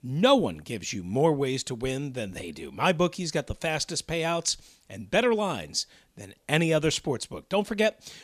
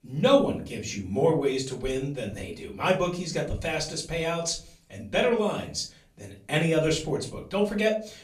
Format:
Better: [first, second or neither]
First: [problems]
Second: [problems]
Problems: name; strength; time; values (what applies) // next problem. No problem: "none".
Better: first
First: none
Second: room echo; slight; dies away in 0.3 s // off-mic speech; far